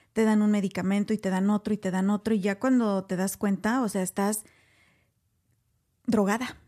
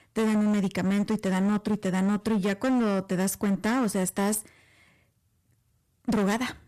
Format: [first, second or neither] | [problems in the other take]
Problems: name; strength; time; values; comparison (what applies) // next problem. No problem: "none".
first | distortion; slight; 19% of the sound clipped